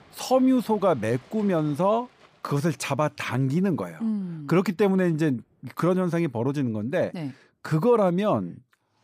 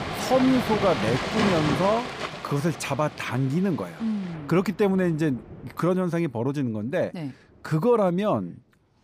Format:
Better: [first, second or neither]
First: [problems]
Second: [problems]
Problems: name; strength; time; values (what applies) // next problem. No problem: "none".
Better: first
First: rain or running water; faint; throughout; 25 dB below the speech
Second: rain or running water; loud; throughout; 4 dB below the speech